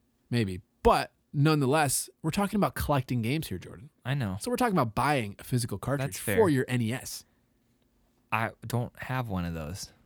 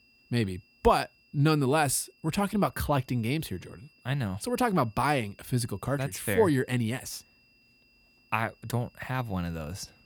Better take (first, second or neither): first